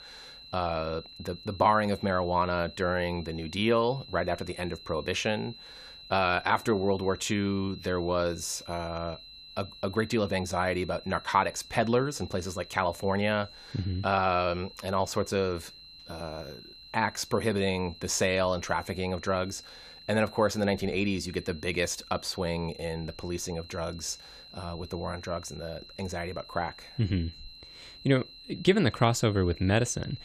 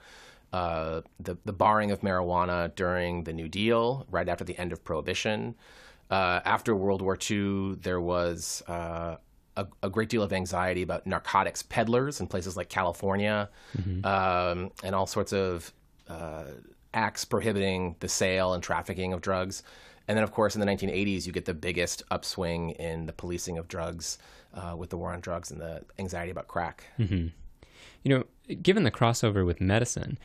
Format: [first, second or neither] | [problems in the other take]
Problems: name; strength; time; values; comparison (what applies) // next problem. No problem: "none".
second | high-pitched whine; noticeable; throughout; 4 kHz, 15 dB below the speech